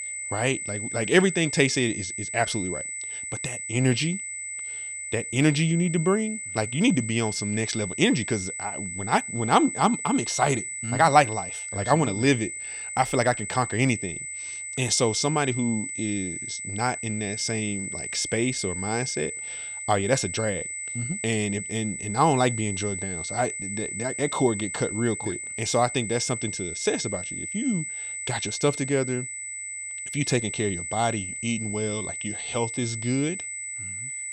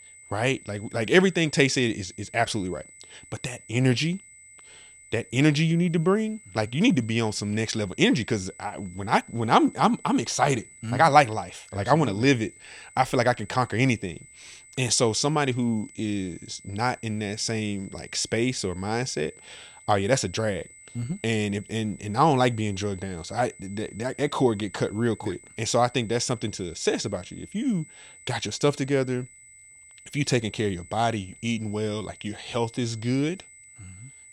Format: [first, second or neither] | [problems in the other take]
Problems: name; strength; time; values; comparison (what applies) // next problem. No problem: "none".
second | high-pitched whine; loud; throughout; 8 kHz, 5 dB below the speech; faint in the second